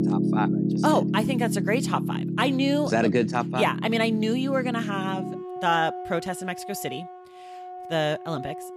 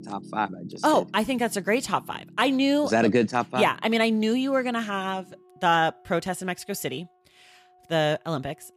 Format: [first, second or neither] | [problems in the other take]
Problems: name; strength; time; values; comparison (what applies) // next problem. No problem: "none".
second | background music; loud; throughout; 3 dB below the speech; faint in the second